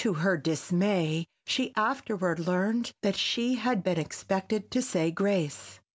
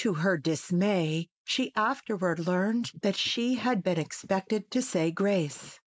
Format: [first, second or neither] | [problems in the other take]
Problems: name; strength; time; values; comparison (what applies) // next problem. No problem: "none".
first | noise reduction (neural mask model Resemble Enhance denoiser)